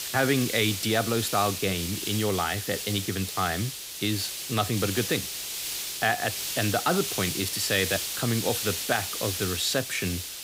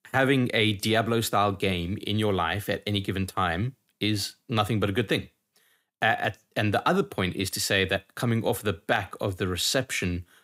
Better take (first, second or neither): second